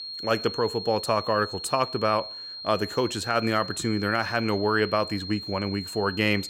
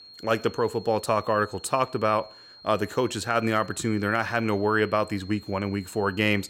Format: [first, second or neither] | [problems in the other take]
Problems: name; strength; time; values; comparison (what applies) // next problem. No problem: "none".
second | high-pitched whine; loud; throughout; 4 kHz, 9 dB below the speech; faint in the second